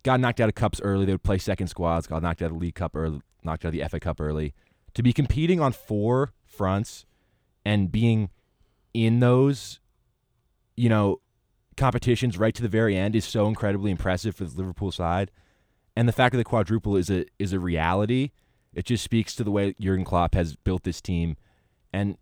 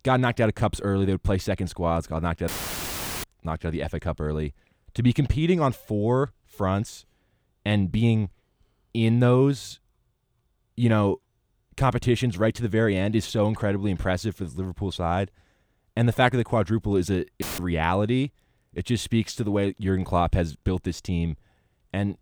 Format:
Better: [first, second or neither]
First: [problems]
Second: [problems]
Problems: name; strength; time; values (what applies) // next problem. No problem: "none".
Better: first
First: none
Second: audio cutting out; filled with static; at 2.5 s for 1 s and at 17 s